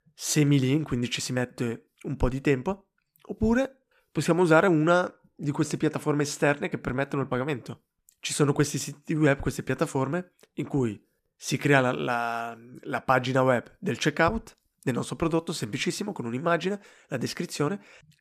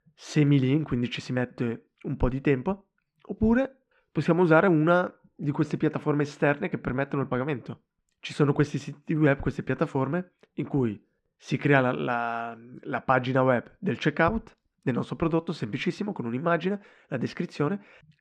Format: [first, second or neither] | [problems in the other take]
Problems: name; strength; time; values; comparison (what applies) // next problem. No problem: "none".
first | muffled; slightly; fading above 3 kHz